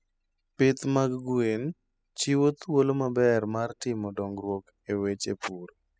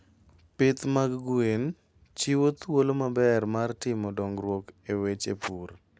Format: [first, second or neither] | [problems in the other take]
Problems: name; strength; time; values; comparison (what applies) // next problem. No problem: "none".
second | noise reduction (classical method spectral subtraction)